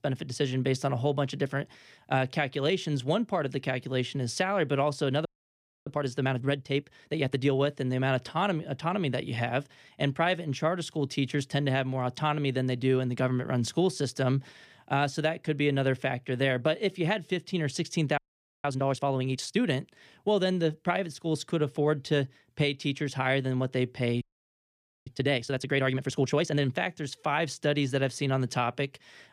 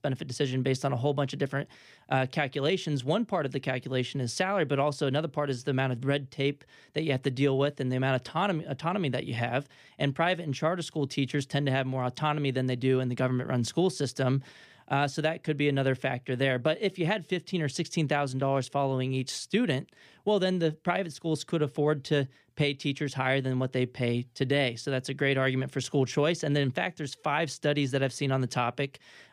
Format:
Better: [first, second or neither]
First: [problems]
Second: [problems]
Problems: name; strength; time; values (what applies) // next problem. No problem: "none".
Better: second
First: audio freezing; at 5.5 s for 0.5 s, at 18 s and at 24 s for 1 s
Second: none